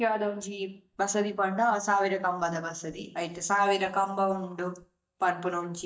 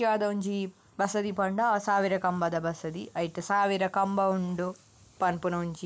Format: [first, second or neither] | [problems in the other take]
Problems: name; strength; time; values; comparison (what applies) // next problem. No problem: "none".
second | noise reduction (neural mask model DeepFilterNet 3)